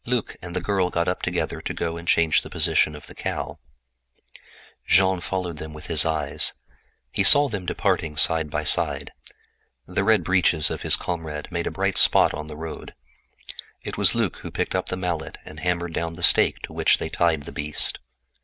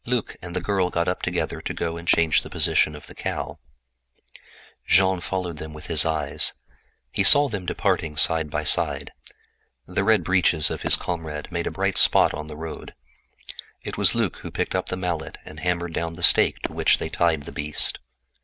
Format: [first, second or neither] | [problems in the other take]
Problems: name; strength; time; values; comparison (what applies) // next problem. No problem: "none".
first | background sound (Fireworks); 11 dB below the speech